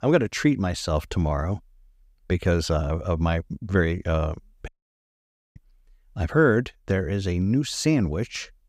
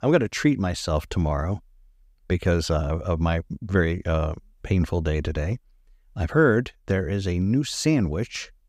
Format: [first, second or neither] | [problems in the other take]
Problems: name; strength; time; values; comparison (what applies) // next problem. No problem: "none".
second | audio cutting out; at 4.5 s for 1 s